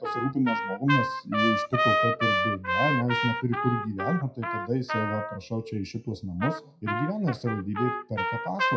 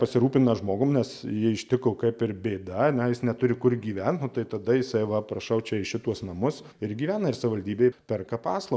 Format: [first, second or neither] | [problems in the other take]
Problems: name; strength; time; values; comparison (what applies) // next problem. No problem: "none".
second | noise reduction (classical method WPE with log-MMSE)